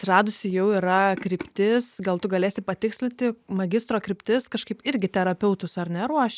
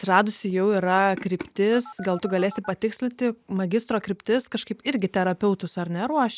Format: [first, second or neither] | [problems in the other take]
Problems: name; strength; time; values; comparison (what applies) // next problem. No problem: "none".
first | background sound (Telephone); 17 dB below the speech